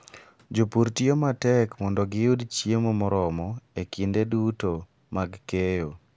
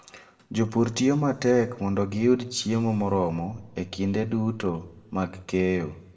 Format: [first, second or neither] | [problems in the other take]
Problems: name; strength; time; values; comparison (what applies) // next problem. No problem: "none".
first | room echo; dies away in 1.1 s